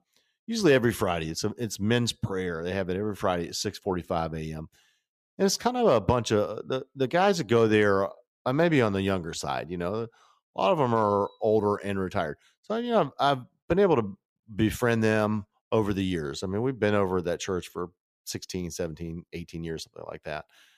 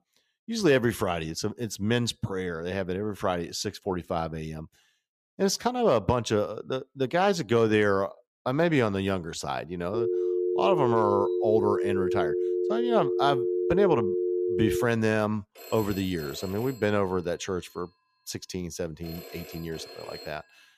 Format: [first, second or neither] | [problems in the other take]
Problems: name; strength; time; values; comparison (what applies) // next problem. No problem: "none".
first | phone ringing; loud; from 10 to 15 s; peak 1 dB above the speech // phone ringing; faint; from 16 s on; peak 15 dB below the speech